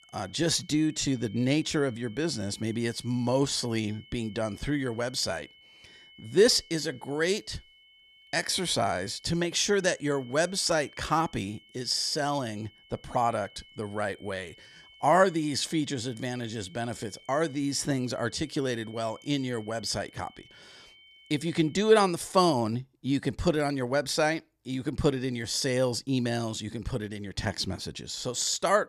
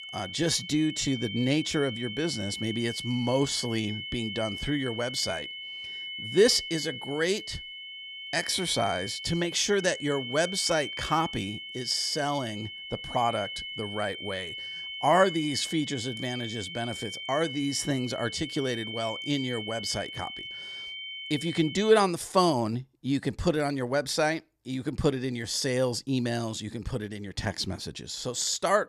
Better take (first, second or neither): first